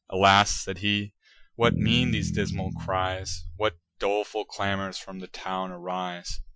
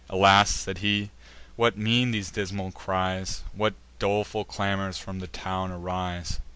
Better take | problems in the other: second | noise reduction (classical method Wiener filter)

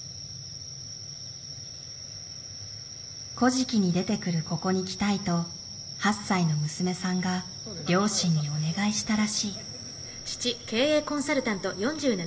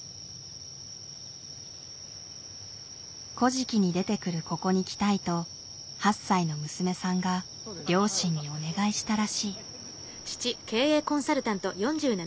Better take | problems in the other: second | room echo; dies away in 1 s

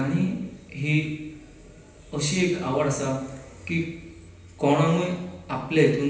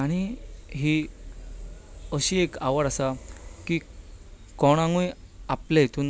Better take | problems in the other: second | room echo; dies away in 0.9 s

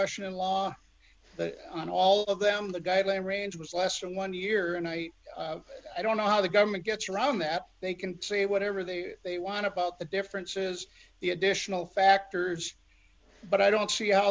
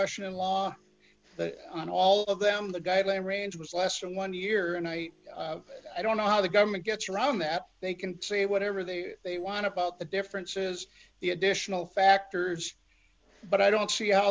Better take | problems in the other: first | noise reduction (neural separator model SepFormer DNS4)

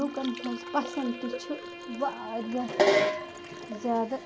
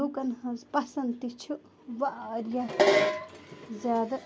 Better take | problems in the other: second | background sound (Bowed string instrument + Liquid); 11 dB below the speech

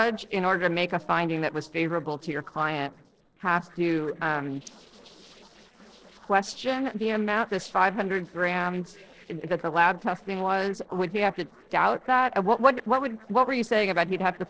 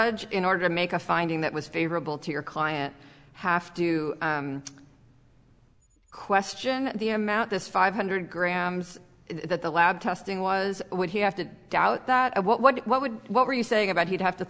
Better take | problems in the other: second | noise reduction (neural separator model SepFormer DNS4)

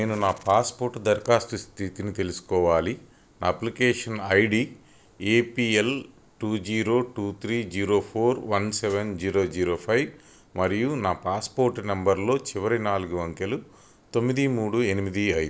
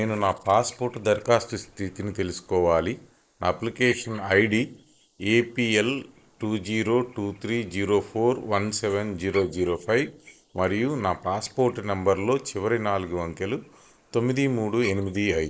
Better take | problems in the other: first | noise reduction (neural mask model Resemble Enhance denoiser)

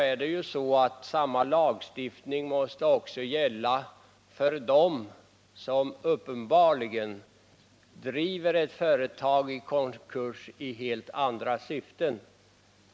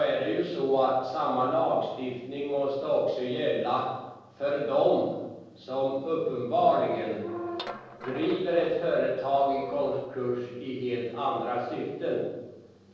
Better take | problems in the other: first | noise reduction (neural separator model SepFormer DNS4)

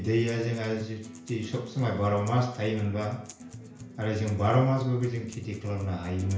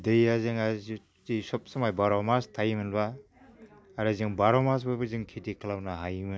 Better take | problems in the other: second | background sound (Acoustic guitar); 18 dB below the speech // room echo; dies away in 0.5 s

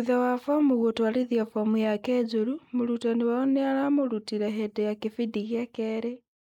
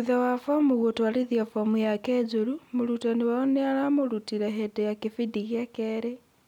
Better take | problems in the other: second | noise reduction (neural mask model Resemble Enhance denoiser)

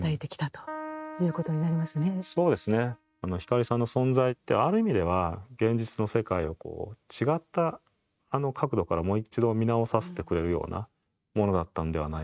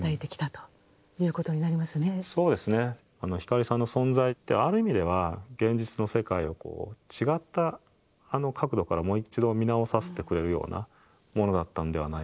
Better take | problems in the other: second | noise reduction (neural mask model RNNoise)

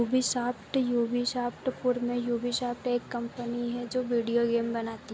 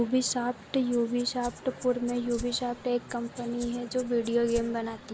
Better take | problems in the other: first | background sound (Rattle (instrument)); 18 dB below the speech

